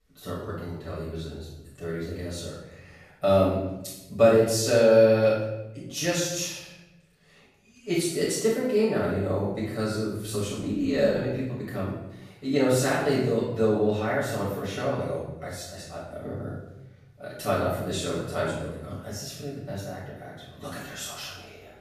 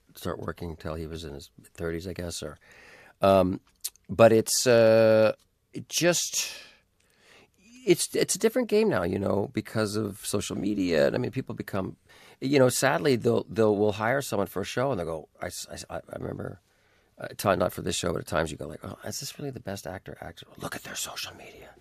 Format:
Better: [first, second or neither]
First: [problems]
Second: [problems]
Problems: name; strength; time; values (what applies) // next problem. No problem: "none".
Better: second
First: off-mic speech; far // room echo; strong; dies away in 0.9 s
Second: none